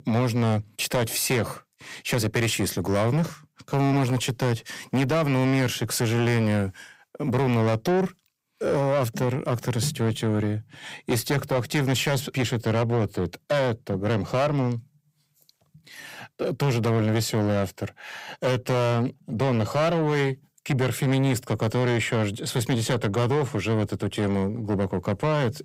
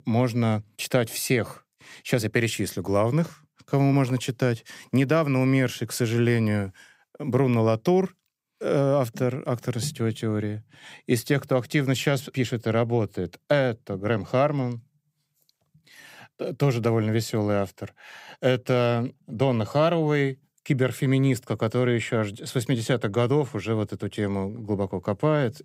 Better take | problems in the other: second | distortion; heavy; 8 dB below the speech

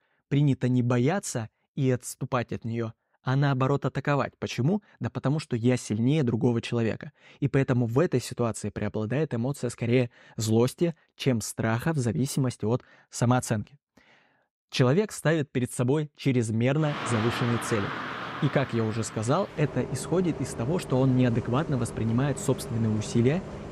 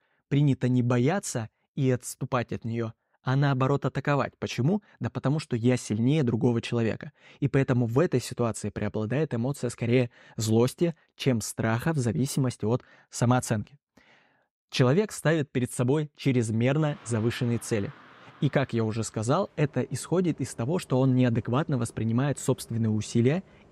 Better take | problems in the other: second | traffic noise; loud; from 17 s on; 9 dB below the speech; faint in the second

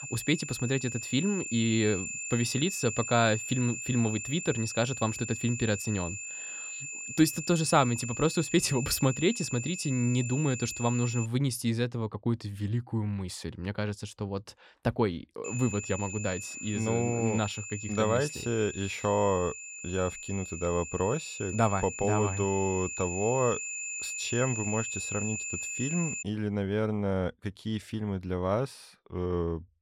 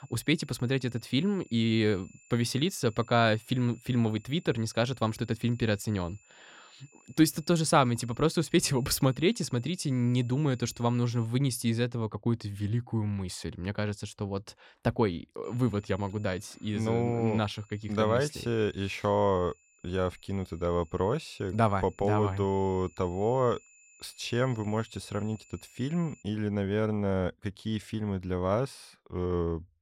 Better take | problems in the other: second | high-pitched whine; loud; until 11 s and from 15 to 26 s; 2.5 kHz, 6 dB below the speech; faint in the second

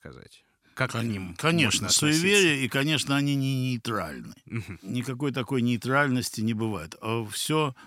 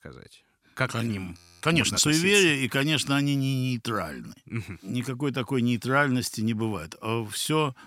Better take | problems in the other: first | audio freezing; at 1.5 s

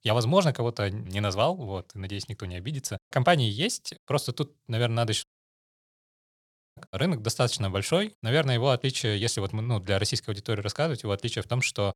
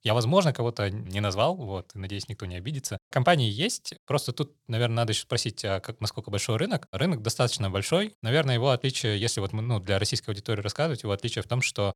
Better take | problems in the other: second | audio cutting out; at 5 s for 1.5 s

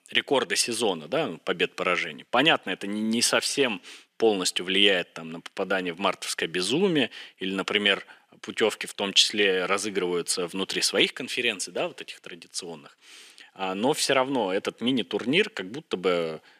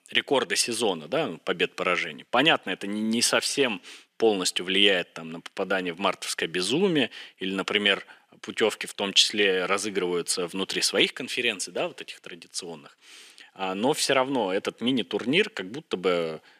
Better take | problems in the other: neither | thin; somewhat; fading below 400 Hz; the same in both

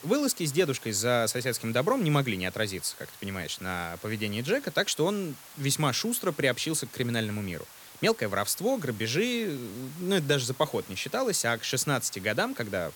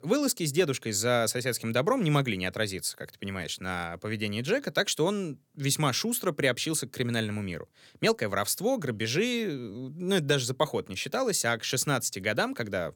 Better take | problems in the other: second | hiss; noticeable; throughout; 20 dB below the speech

